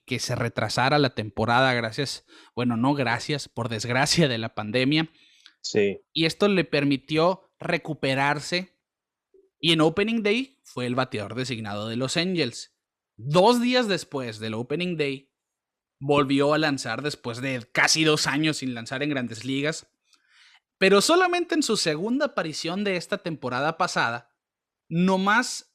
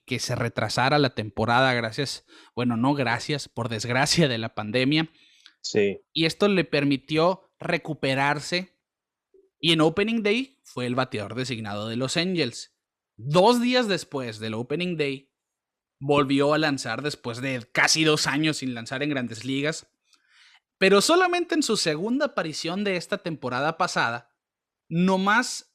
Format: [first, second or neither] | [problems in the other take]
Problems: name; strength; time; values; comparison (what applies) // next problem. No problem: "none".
neither | none